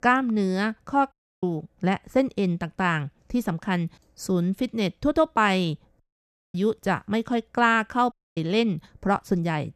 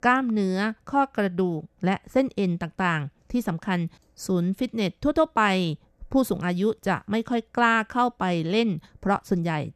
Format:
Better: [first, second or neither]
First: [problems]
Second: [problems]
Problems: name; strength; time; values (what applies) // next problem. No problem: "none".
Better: second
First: audio cutting out; at 1 s, at 6 s for 0.5 s and at 8 s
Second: none